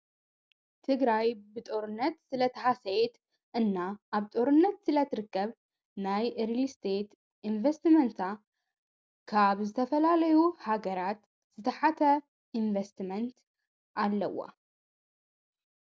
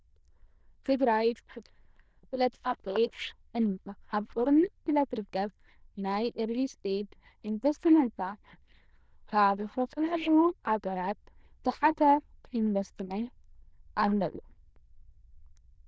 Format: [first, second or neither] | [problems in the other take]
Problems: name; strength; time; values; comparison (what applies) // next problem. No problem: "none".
first | noise reduction (neural diffusion model UNIVERSE++)